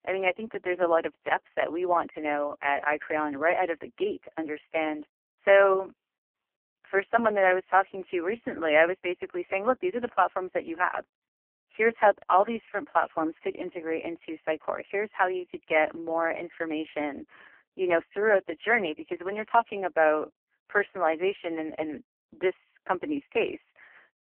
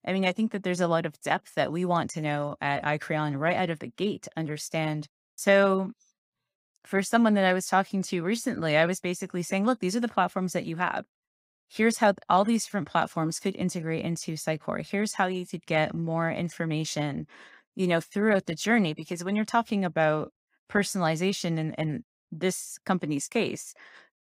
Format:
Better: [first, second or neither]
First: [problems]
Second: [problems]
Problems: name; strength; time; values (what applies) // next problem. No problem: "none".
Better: second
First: phone-call audio; poor line; nothing above 3 kHz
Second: none